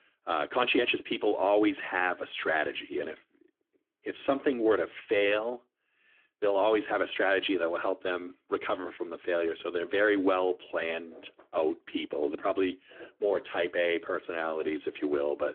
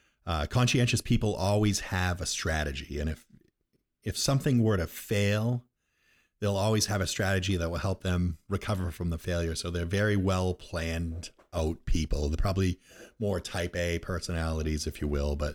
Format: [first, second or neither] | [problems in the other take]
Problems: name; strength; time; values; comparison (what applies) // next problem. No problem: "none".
second | phone-call audio; nothing above 3.5 kHz